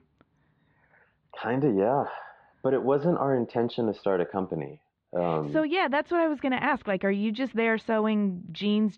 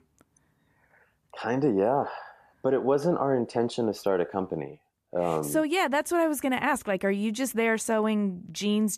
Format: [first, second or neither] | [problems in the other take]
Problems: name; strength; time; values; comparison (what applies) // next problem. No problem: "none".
second | muffled; slightly; fading above 4 kHz